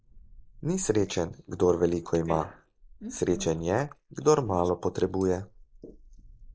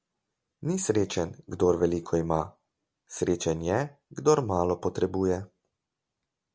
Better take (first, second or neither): second